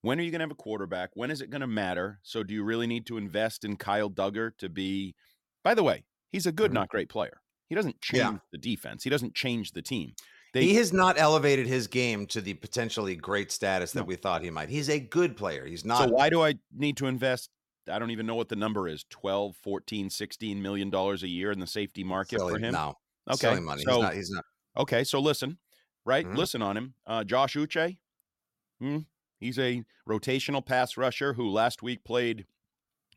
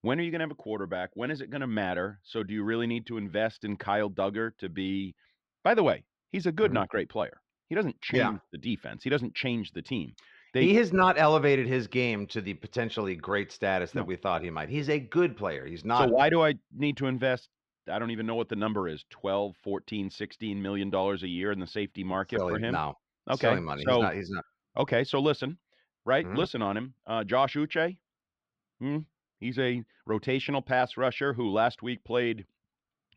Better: first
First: none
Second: muffled; slightly; fading above 3.5 kHz

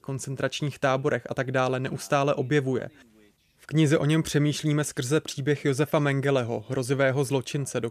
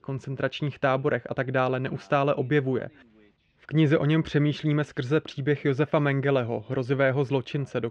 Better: first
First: none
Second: muffled; slightly; fading above 3.5 kHz

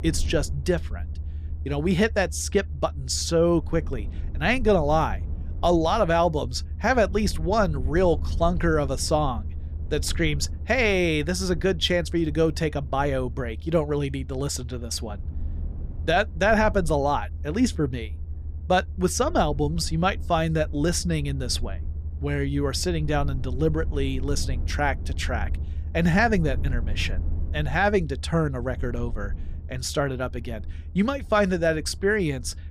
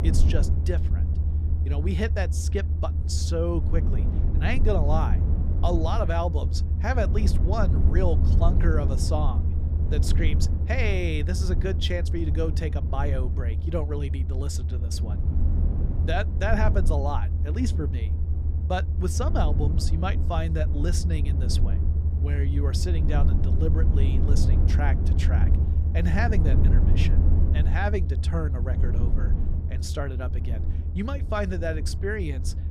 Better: first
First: low rumble; faint; throughout; 25 dB below the speech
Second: low rumble; loud; throughout; 8 dB below the speech

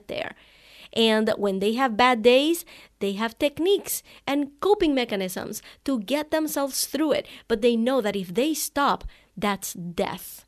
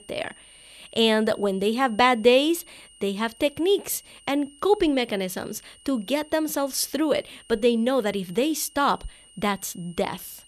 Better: first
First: none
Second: high-pitched whine; faint; throughout; 3 kHz, 25 dB below the speech

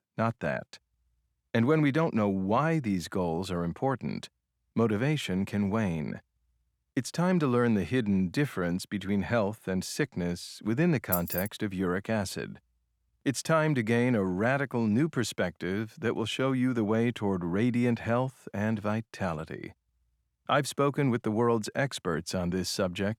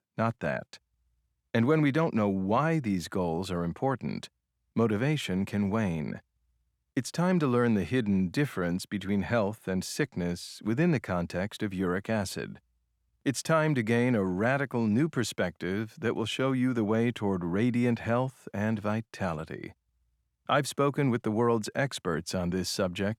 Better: second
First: jangling keys; noticeable; at 11 s; peak 2 dB below the speech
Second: none

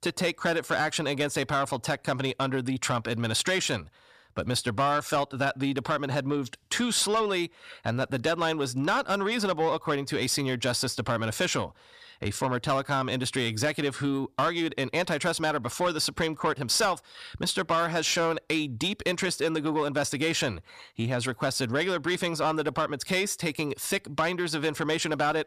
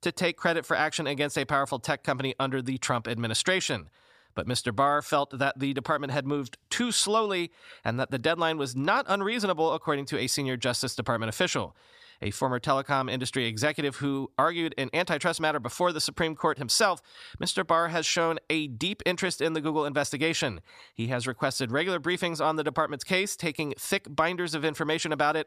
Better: second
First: distortion; slight; 10 dB below the speech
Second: none

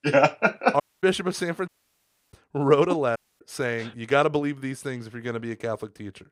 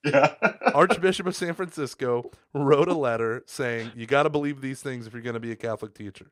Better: second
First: audio cutting out; at 1 s, at 1.5 s for 0.5 s and at 3 s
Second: none

